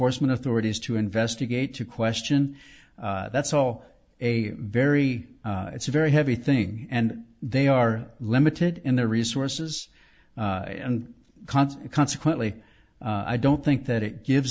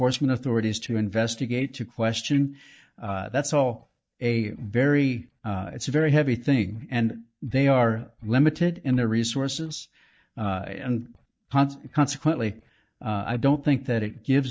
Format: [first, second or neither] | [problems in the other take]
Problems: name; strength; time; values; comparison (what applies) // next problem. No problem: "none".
first | noise reduction (neural mask model DeepFilterNet 3)